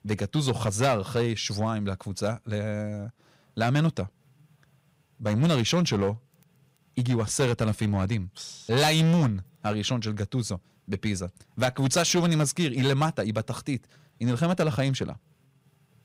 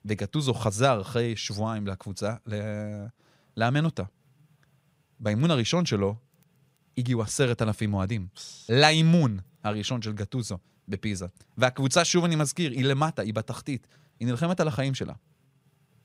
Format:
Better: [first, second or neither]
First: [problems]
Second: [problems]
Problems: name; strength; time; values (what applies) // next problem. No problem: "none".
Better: second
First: distortion; slight; 6% of the sound clipped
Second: none